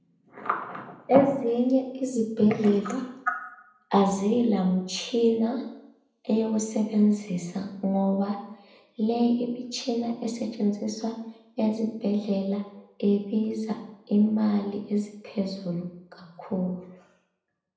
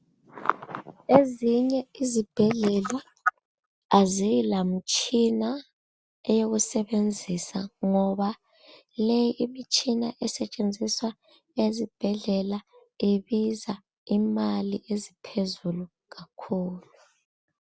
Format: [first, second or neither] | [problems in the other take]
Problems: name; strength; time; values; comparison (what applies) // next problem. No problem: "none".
second | room echo; dies away in 0.7 s